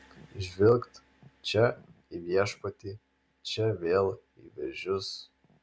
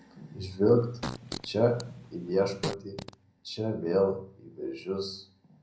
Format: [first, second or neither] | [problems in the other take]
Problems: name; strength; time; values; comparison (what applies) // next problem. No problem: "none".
first | background sound (Fart); 10 dB below the speech // room echo; dies away in 0.6 s